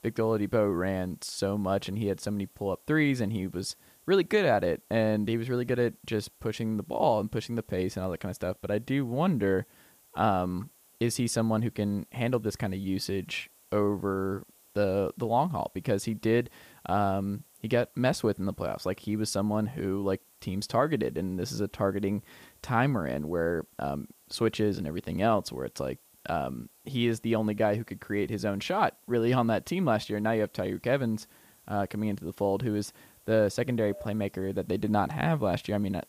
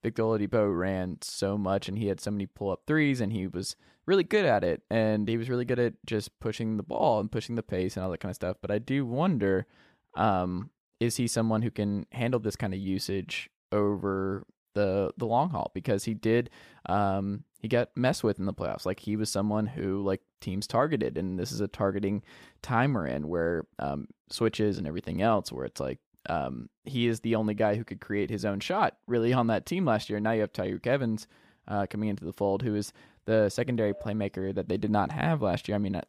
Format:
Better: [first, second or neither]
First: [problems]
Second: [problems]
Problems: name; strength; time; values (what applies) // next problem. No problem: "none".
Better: second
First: hiss; faint; throughout; 30 dB below the speech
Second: none